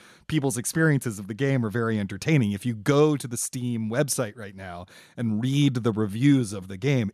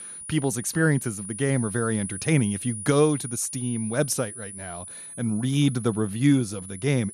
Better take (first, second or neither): first